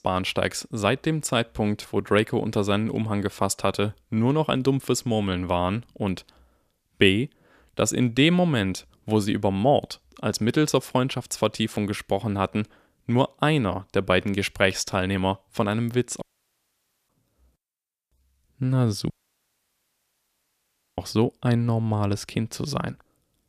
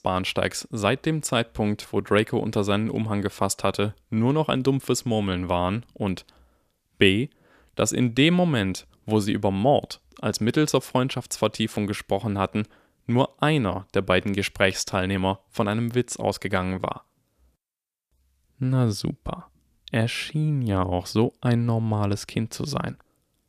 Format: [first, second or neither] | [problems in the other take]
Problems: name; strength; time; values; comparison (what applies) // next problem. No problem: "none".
second | audio cutting out; at 16 s for 1 s and at 19 s for 2 s